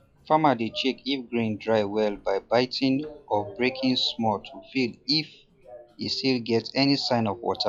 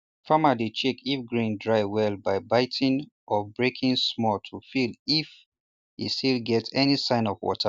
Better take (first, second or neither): second